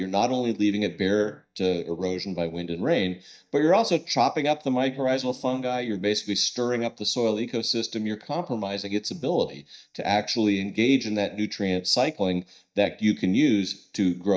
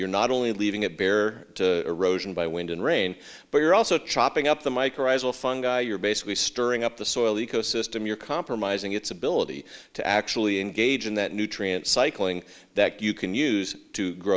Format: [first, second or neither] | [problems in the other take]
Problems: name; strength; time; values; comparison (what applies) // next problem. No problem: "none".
second | noise reduction (neural mask model DeepFilterNet 3)